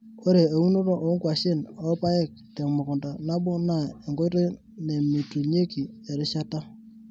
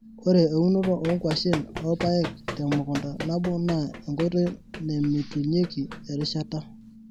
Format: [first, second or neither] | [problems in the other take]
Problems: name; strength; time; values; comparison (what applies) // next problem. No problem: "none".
first | background sound (Run); 13 dB below the speech